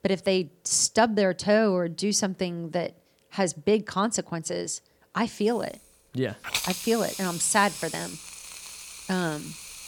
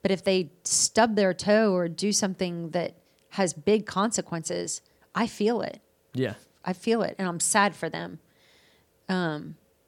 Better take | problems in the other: second | hiss; loud; from 5.5 s on; 8 dB below the speech

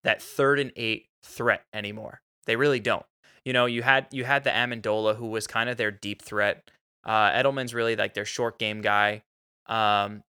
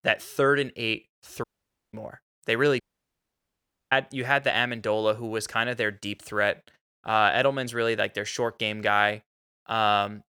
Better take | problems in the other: first | audio cutting out; at 1.5 s and at 3 s for 1 s

